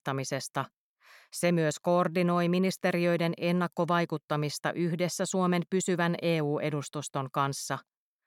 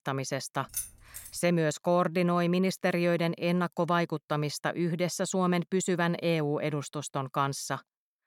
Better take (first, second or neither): first